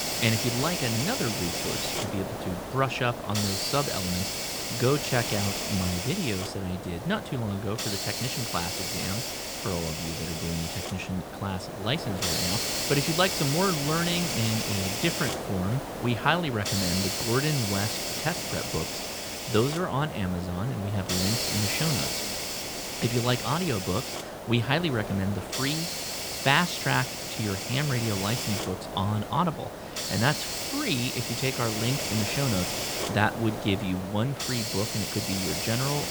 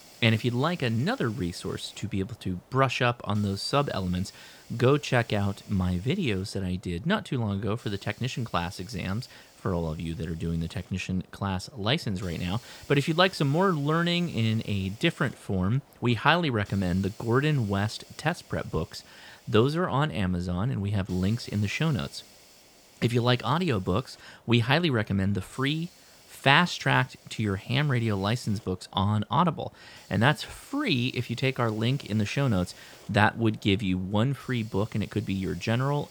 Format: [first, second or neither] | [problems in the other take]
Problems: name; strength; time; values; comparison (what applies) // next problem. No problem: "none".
second | hiss; loud; throughout; 1 dB below the speech; faint in the second